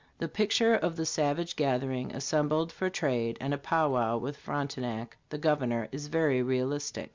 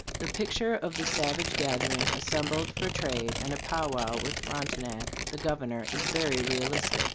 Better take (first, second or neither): first